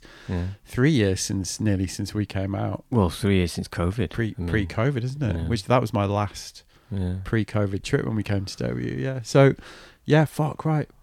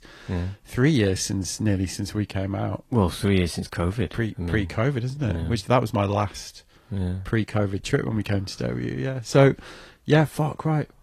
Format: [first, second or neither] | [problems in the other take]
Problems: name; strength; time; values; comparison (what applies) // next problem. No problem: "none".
first | garbled, watery; slightly; nothing above 13 kHz